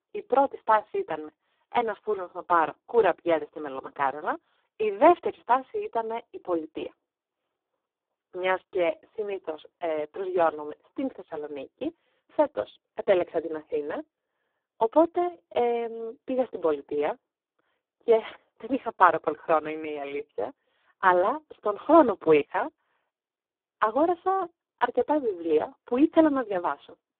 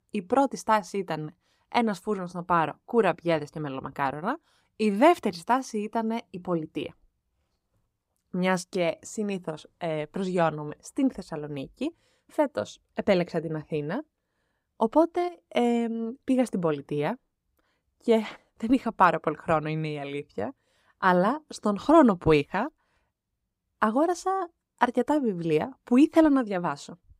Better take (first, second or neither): second